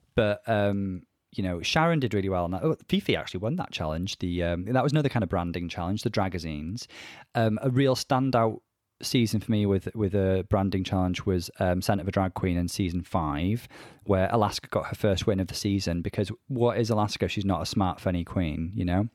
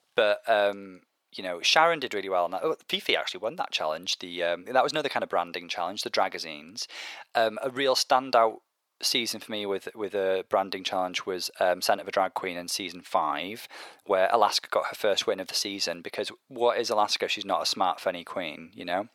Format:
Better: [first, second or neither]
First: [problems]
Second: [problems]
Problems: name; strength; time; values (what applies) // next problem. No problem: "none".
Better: first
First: none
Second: thin; very; fading below 650 Hz